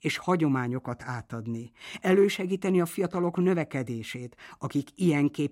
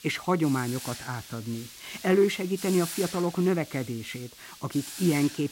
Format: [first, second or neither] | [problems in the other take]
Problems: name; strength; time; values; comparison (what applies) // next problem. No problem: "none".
first | hiss; noticeable; throughout; 10 dB below the speech